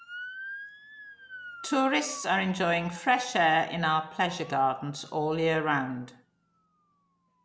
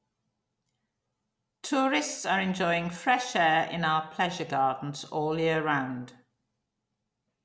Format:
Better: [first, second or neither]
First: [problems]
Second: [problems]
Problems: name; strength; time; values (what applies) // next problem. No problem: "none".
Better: second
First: background sound (Motor vehicle (road) / Siren); 17 dB below the speech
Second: none